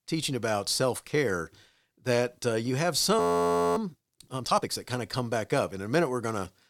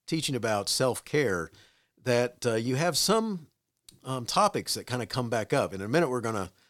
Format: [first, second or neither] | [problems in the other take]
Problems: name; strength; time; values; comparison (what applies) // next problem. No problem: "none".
second | audio freezing; at 3 s for 0.5 s